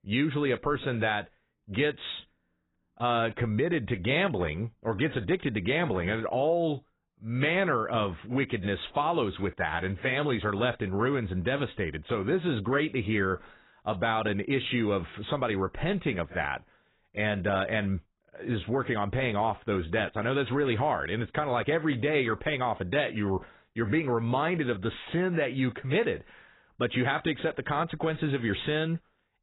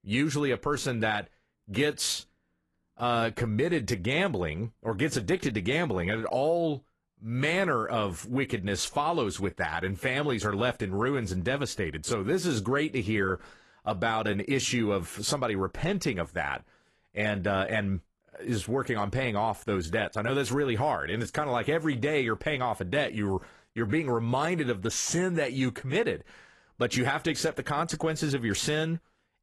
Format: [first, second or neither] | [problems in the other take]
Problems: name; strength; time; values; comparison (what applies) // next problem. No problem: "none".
second | garbled, watery; badly; nothing above 4 kHz; slightly in the second